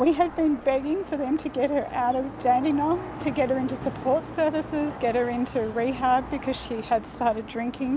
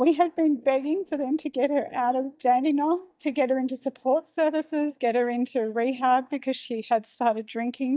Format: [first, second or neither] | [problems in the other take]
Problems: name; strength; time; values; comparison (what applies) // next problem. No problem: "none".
first | noise reduction (neural mask model DeepFilterNet 3)